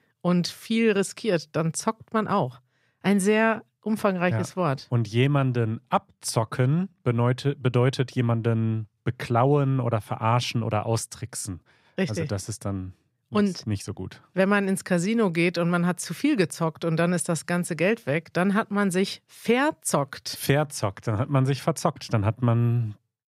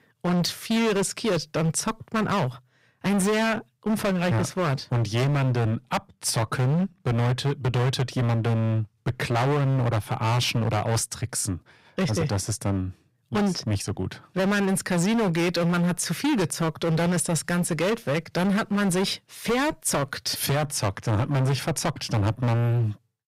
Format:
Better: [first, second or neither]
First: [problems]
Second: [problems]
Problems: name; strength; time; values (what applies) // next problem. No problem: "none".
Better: first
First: none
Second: distortion; heavy; 25% of the sound clipped